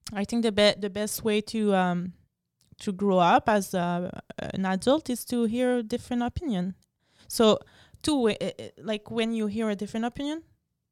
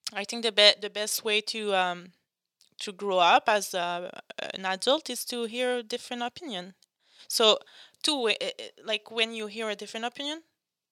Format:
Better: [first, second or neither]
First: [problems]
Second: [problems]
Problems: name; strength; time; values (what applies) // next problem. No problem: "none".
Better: first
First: none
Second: thin; somewhat; fading below 450 Hz